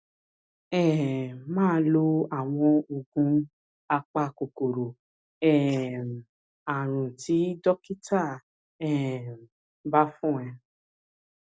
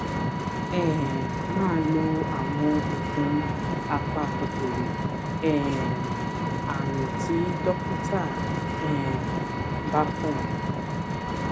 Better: first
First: none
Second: background sound (Vehicle); 2 dB above the speech

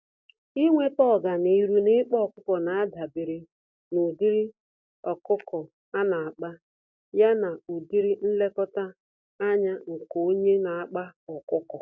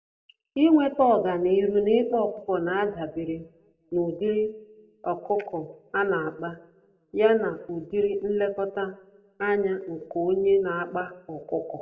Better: first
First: none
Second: room echo; dies away in 0.4 s

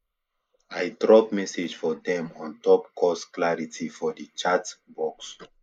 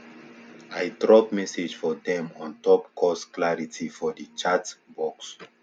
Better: second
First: noise reduction (neural mask model Resemble Enhance denoiser)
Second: none

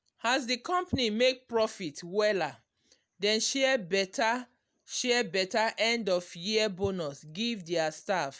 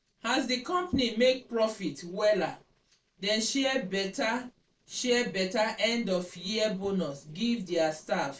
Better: first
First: none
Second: noise reduction (neural separator model SepFormer DNS4)

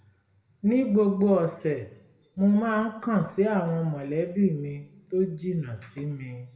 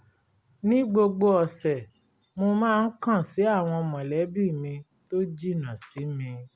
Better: second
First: room echo; dies away in 0.6 s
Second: none

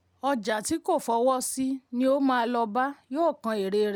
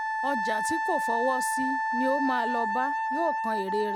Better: first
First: none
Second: background sound (Wind instrument, woodwind instrument); 2 dB above the speech

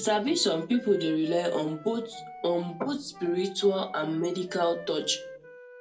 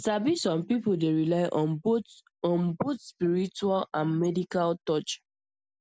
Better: second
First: background sound (Wind instrument, woodwind instrument); 16 dB below the speech // room echo; dies away in 0.2 s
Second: none

